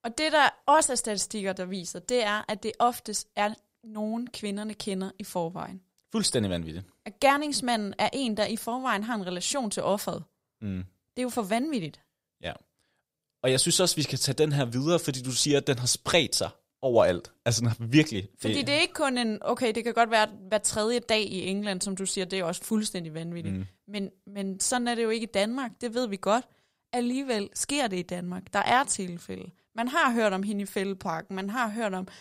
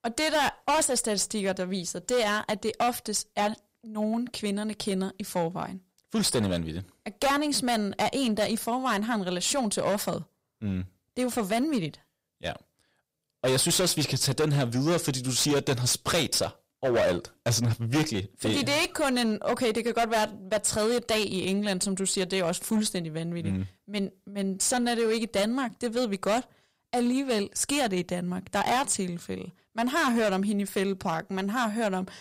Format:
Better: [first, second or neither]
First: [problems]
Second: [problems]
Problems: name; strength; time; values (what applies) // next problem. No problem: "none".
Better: first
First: none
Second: distortion; heavy; 10% of the sound clipped